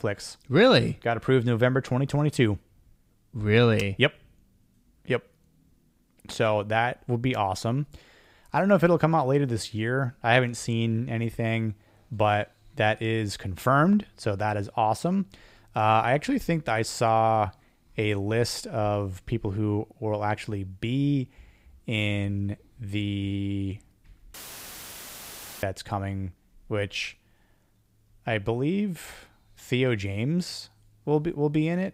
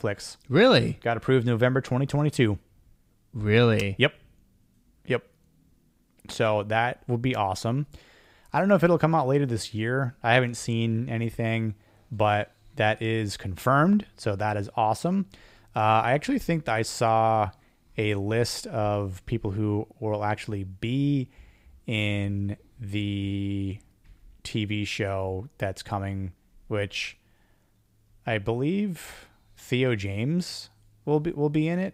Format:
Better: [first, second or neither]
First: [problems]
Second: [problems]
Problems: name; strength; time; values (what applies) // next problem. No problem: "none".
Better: second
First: audio cutting out; filled with static; at 24 s for 1.5 s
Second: none